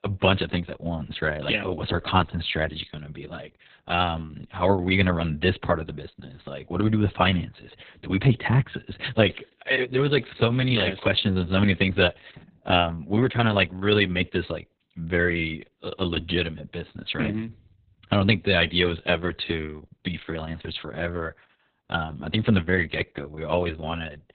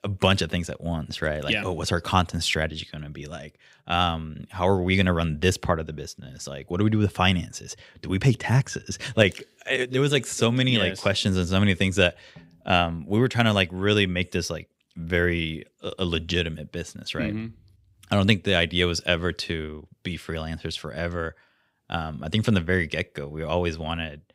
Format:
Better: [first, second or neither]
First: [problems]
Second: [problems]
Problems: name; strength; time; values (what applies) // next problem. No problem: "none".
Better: second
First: garbled, watery; badly; nothing above 4 kHz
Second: none